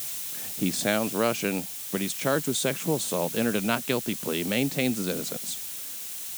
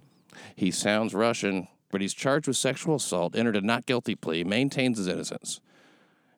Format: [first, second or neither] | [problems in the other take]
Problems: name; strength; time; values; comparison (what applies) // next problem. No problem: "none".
second | hiss; loud; throughout; 5 dB below the speech